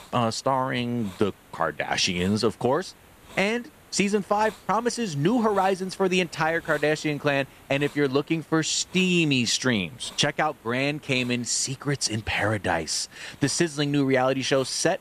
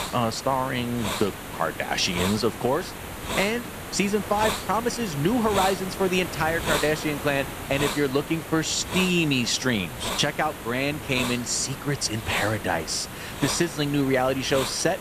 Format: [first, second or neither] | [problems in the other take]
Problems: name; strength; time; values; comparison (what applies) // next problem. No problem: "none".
first | hiss; loud; throughout; 7 dB below the speech; faint in the first